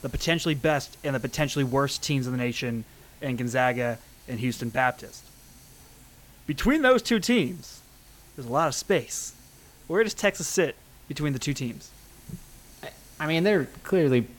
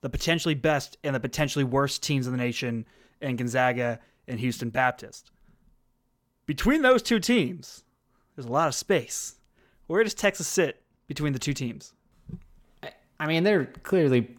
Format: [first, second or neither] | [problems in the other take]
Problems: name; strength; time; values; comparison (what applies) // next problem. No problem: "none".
second | hiss; faint; throughout; 25 dB below the speech